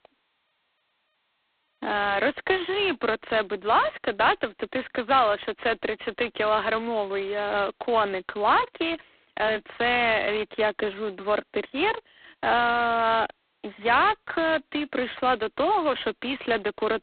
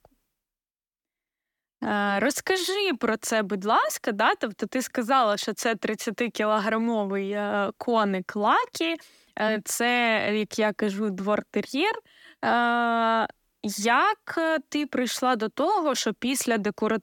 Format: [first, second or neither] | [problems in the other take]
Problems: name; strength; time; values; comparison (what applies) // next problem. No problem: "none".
second | phone-call audio; poor line; nothing above 4 kHz